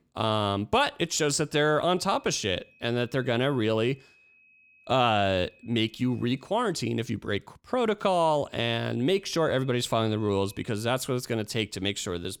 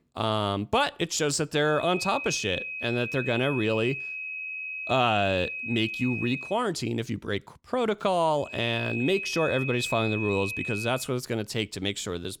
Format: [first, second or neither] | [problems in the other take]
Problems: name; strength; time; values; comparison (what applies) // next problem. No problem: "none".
first | high-pitched whine; loud; from 2 to 6.5 s and from 8.5 to 11 s; 2.5 kHz, 5 dB below the speech; faint in the first